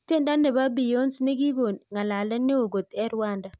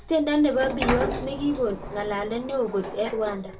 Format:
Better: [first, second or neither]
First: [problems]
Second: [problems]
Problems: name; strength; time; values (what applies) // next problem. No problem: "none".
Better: first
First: none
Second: background sound (Sliding door); 7 dB below the speech // room echo; dies away in 0.2 s